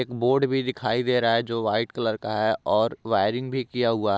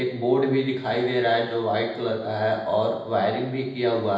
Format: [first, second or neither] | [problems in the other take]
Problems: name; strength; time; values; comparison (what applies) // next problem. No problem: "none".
first | room echo; dies away in 0.9 s